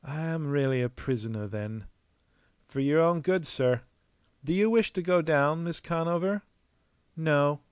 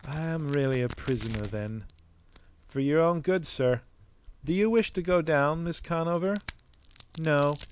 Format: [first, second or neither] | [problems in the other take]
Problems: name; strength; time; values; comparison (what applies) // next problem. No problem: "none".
first | background sound (Crack); 19 dB below the speech